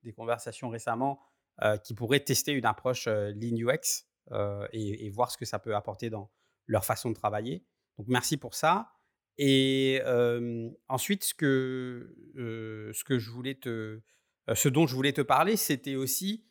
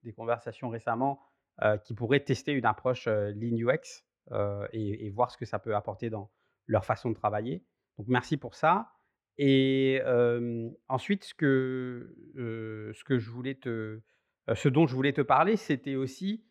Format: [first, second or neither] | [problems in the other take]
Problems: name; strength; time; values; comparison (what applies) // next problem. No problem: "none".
first | muffled; very; fading above 2.5 kHz